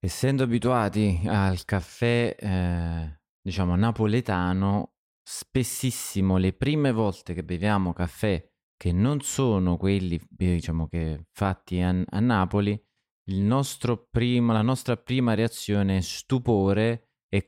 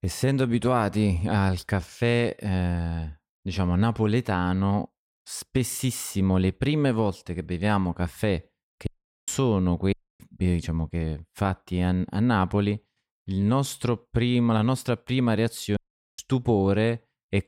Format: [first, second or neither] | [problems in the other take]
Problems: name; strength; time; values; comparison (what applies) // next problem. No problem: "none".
first | audio cutting out; at 9 s, at 10 s and at 16 s